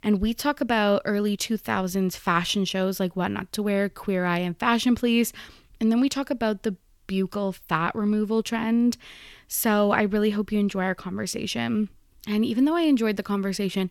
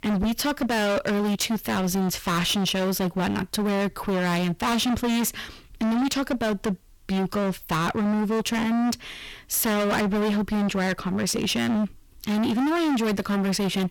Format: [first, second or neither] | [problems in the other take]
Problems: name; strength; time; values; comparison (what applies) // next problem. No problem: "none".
first | distortion; heavy; 33% of the sound clipped